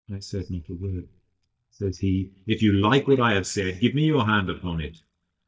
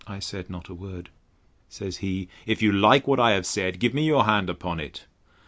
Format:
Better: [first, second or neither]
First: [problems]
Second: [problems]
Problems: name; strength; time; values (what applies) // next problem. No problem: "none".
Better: second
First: noise reduction (neural mask model DeepFilterNet 3)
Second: none